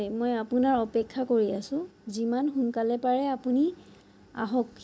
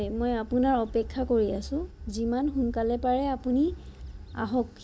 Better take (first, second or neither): first